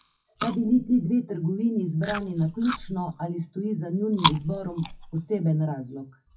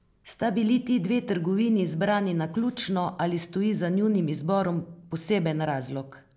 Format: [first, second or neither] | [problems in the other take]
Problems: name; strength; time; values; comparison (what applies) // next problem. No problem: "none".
second | noise reduction (classical method WPE with log-MMSE)